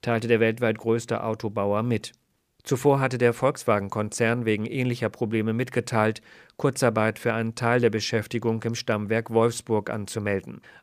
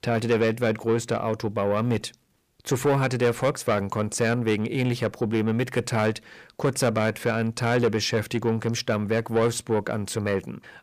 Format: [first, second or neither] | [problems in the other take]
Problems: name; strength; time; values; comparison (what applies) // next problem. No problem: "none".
first | distortion; slight; 10 dB below the speech